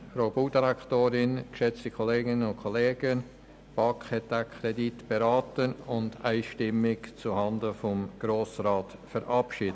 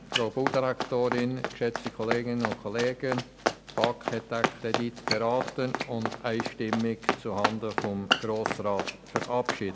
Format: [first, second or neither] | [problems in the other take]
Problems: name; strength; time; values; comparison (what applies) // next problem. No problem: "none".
first | background sound (Run); 3 dB below the speech